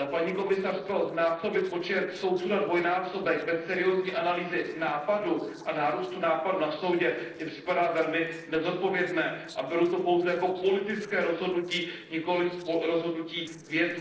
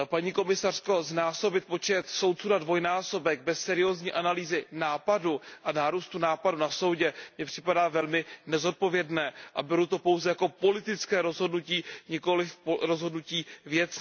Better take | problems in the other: second | noise reduction (neural separator model SepFormer DNS4)

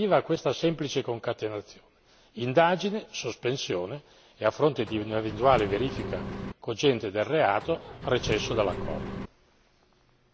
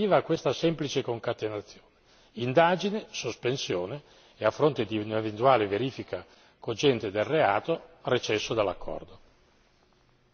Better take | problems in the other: second | background sound (Engine); 8 dB below the speech

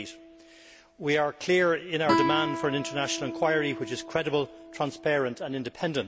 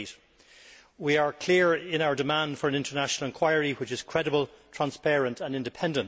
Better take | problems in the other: second | background sound (Guitar); 6 dB below the speech

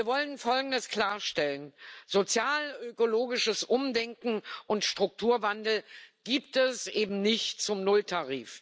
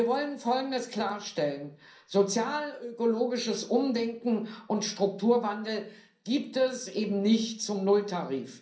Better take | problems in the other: first | room echo; dies away in 0.6 s

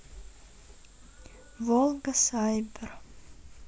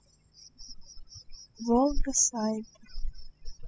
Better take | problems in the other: first | noise reduction (classical method spectral subtraction)

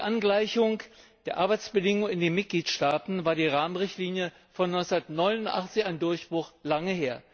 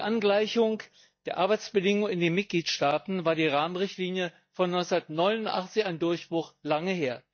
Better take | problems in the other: first | noise reduction (neural mask model DeepFilterNet 3)

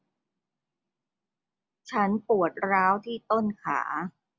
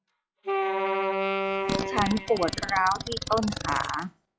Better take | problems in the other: first | noise reduction (classical method log-MMSE)

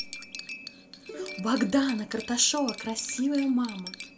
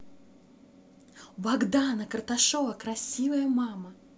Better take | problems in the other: second | background sound (Plucked string instrument + Cutlery, silverware); 12 dB below the speech

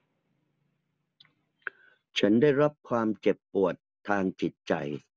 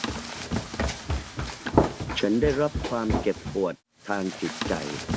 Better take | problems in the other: first | background sound (Run); as loud as the speech

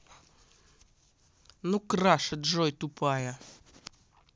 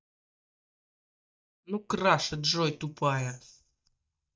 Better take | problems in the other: first | noise reduction (neural mask model DeepFilterNet 3)

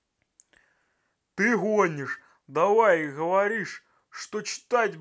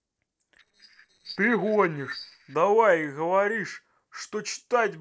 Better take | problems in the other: first | noise reduction (neural separator model SepFormer DNS4)

